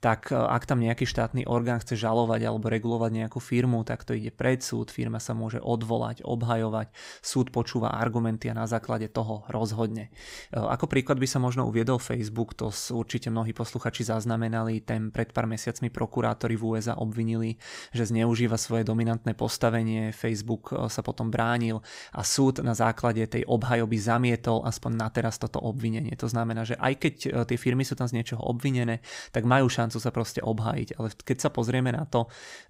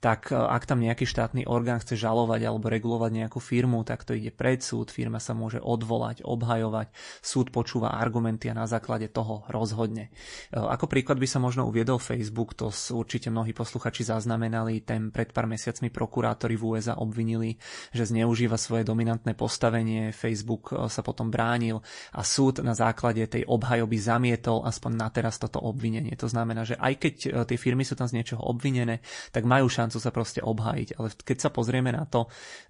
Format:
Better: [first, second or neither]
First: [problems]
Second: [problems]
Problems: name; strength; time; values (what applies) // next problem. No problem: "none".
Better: first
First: none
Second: garbled, watery; slightly; nothing above 10.5 kHz